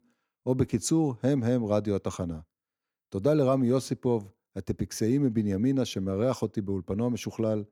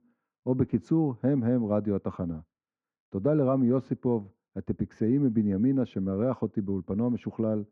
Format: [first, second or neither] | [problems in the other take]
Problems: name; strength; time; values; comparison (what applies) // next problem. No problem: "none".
first | muffled; very; fading above 1.5 kHz